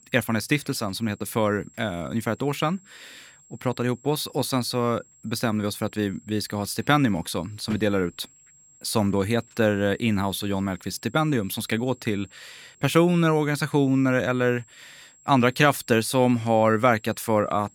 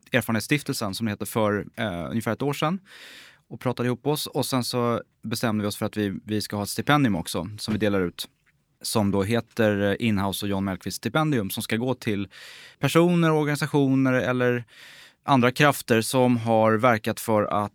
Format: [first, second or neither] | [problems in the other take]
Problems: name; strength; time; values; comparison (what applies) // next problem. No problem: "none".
second | high-pitched whine; faint; throughout; 7.5 kHz, 30 dB below the speech